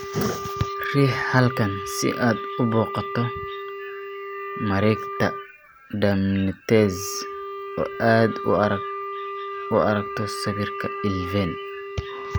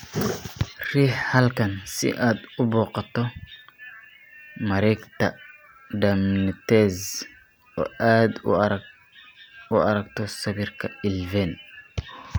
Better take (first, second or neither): second